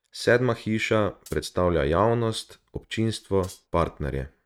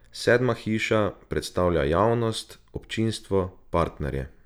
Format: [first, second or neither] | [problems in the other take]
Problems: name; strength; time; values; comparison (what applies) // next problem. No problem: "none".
second | noise reduction (neural mask model RNNoise)